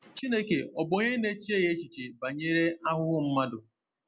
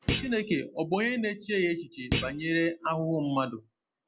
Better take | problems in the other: first | background sound (Thump, thud); 7 dB below the speech

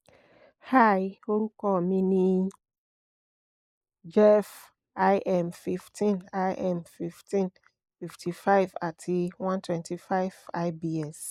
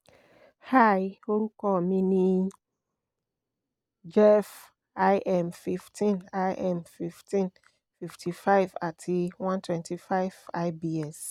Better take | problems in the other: second | noise reduction (neural mask model Resemble Enhance denoiser)

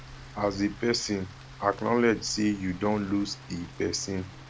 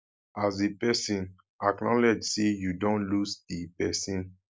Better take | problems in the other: second | background sound (Rain + Organ); 16 dB below the speech

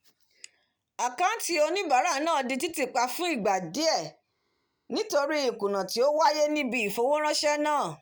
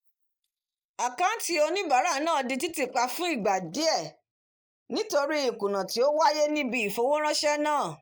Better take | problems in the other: first | noise reduction (neural mask model Resemble Enhance denoiser)

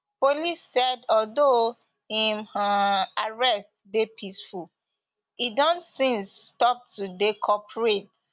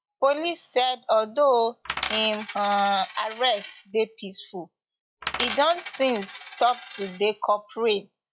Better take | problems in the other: first | noise reduction (classical method log-MMSE)

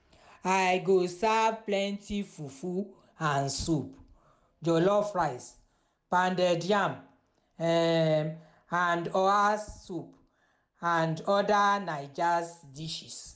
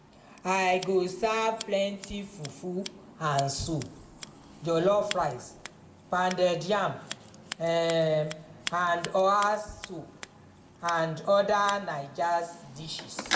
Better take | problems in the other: first | background sound (Scissors); 13 dB below the speech // room echo; dies away in 1.4 s

